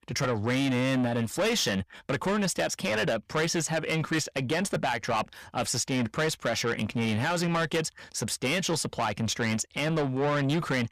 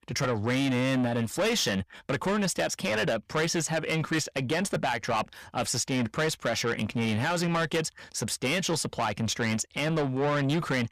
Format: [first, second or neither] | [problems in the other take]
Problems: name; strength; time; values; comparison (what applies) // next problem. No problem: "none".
neither | distortion; heavy; 7 dB below the speech; the same in both